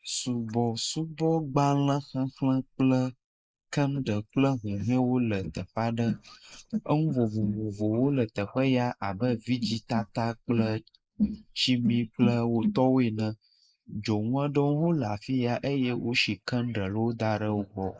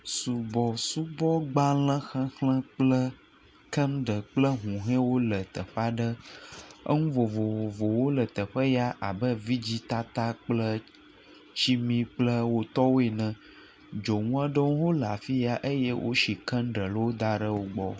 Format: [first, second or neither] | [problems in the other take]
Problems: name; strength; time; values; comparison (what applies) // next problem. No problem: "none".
second | noise reduction (neural mask model Resemble Enhance denoiser)